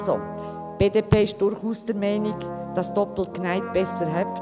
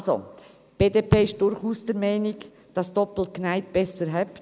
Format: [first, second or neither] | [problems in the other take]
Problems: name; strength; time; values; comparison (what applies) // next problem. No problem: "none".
second | background sound (Brass instrument); 9 dB below the speech